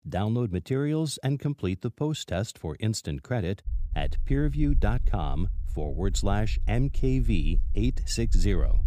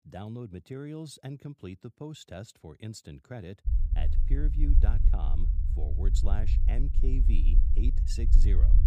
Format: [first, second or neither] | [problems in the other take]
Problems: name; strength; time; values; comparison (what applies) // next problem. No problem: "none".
first | low rumble; loud; from 3.5 s on; 4 dB below the speech; faint in the first